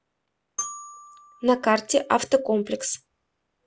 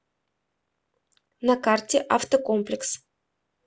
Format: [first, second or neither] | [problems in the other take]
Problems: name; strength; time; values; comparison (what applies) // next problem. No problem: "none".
second | background sound (Glockenspiel); 15 dB below the speech